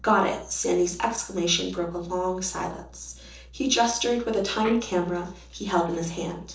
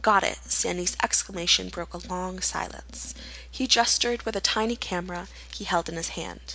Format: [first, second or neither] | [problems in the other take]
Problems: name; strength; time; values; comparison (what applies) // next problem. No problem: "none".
second | noise reduction (neural separator model SepFormer DNS4)